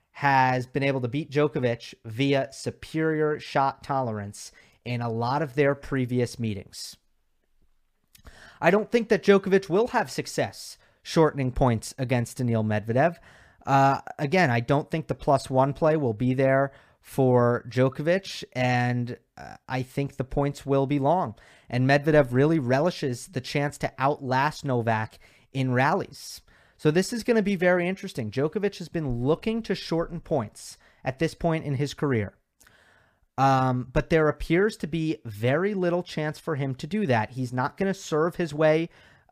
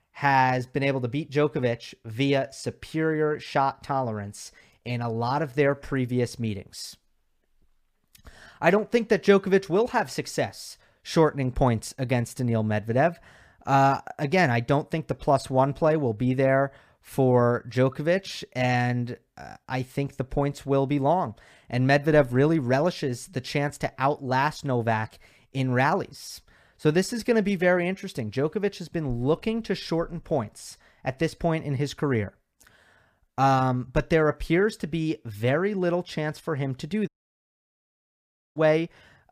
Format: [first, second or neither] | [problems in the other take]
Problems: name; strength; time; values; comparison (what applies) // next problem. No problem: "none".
first | audio cutting out; at 37 s for 1.5 s